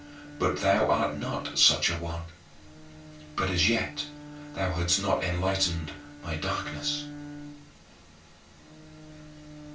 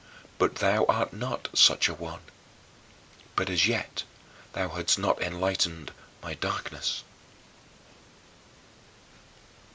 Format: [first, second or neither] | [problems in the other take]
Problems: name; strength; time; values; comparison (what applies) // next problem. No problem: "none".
second | background sound (Bowed string instrument); 14 dB below the speech // room echo; dies away in 0.2 s